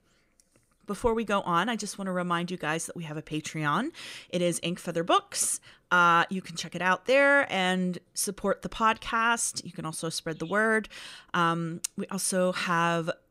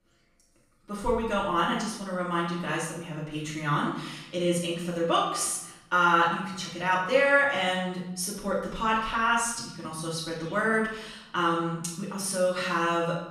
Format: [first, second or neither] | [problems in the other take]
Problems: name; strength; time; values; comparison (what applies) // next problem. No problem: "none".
first | room echo; noticeable; dies away in 0.8 s // off-mic speech; far